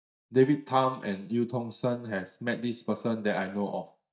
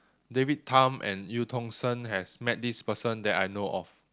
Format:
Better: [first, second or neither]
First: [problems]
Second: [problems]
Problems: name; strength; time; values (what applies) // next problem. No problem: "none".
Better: second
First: noise reduction (neural mask model DeepFilterNet 3)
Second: none